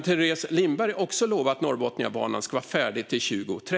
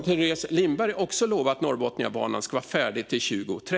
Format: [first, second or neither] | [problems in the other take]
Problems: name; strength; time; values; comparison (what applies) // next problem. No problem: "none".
first | noise reduction (neural separator model SepFormer DNS4)